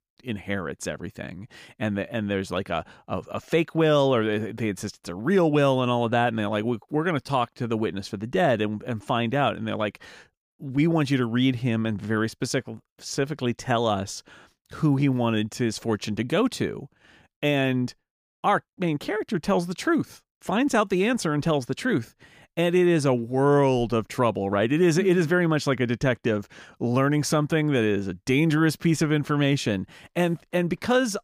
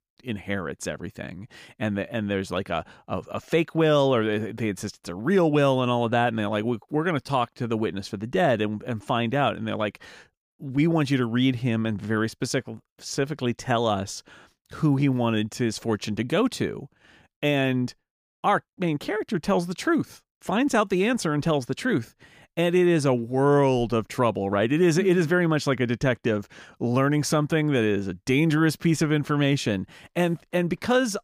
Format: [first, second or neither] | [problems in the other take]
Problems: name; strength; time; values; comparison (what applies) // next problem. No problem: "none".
neither | none